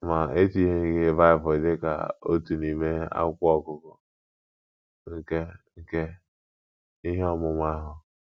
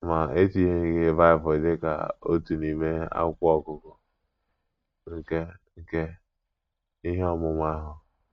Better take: first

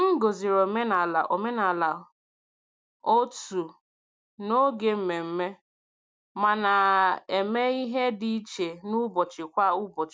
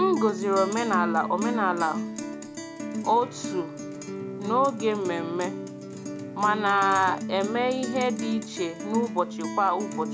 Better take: first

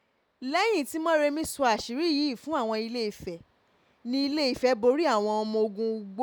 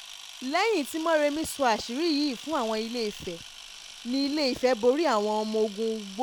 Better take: first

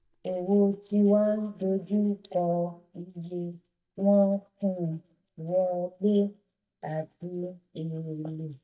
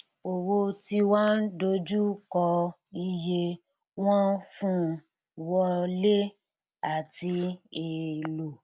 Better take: second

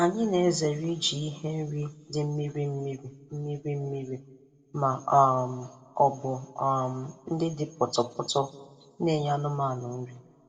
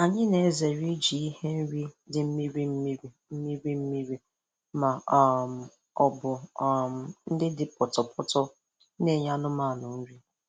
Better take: second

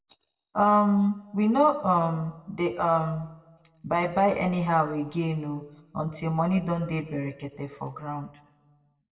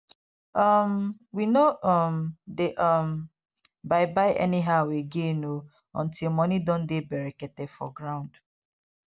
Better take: second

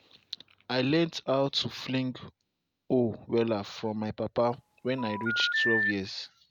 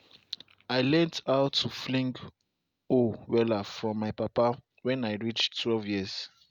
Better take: second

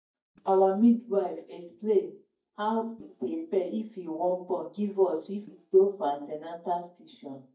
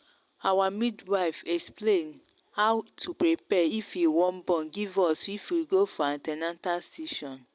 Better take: second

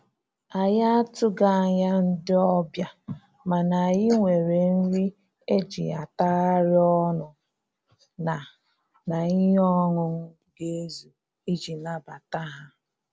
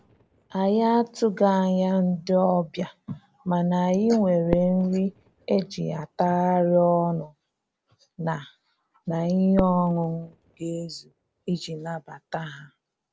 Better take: first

